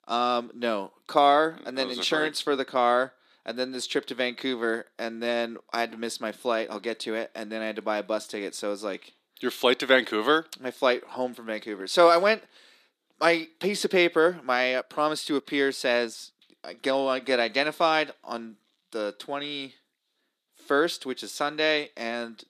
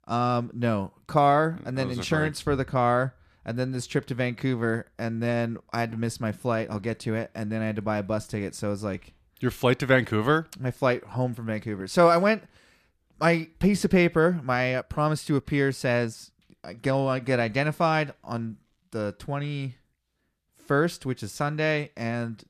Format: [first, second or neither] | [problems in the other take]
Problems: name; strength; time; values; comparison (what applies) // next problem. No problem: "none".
second | thin; somewhat; fading below 300 Hz